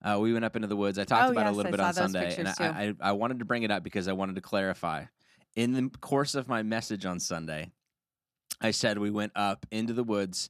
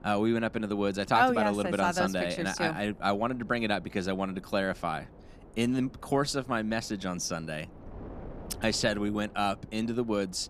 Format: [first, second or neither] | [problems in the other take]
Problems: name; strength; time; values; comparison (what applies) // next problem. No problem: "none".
first | wind noise on the microphone; occasional gusts; 25 dB below the speech